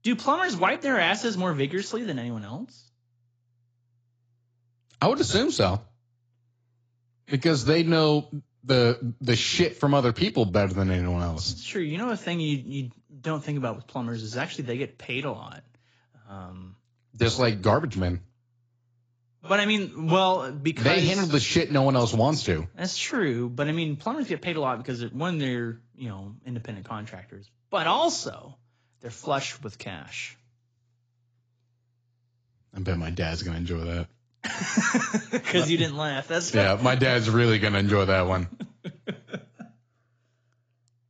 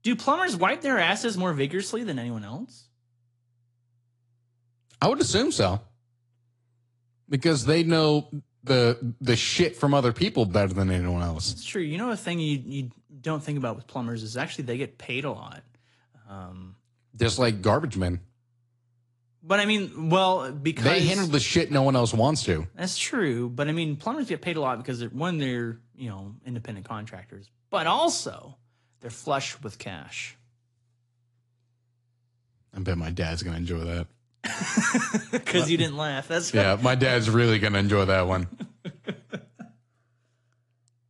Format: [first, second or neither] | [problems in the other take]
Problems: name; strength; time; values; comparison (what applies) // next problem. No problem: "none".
second | garbled, watery; badly; nothing above 7.5 kHz; slightly in the second